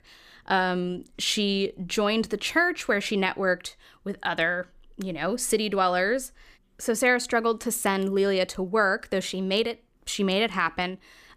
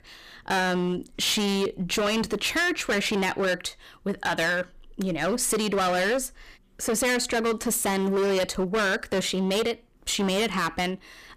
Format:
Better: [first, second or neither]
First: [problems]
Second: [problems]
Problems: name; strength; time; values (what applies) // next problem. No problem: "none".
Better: first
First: none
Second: distortion; heavy; 20% of the sound clipped